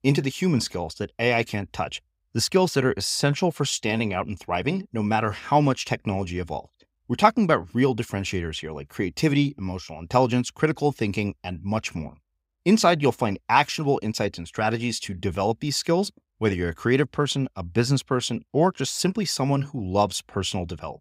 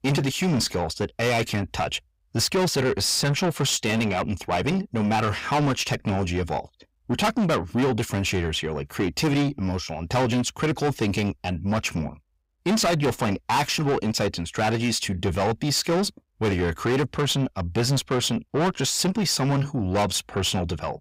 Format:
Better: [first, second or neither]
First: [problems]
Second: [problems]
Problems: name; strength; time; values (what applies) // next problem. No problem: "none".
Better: first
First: none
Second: distortion; heavy; 6 dB below the speech